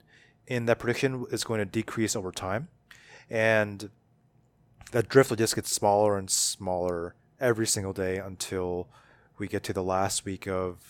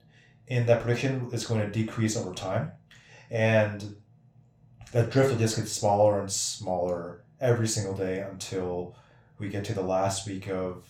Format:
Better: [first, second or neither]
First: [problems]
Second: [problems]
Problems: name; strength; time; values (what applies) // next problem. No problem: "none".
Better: first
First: none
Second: room echo; slight; dies away in 0.3 s // off-mic speech; somewhat distant